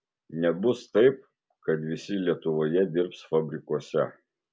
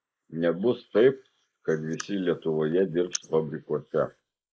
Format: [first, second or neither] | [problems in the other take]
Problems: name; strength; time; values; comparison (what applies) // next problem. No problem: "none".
first | noise reduction (neural mask model Resemble Enhance denoiser)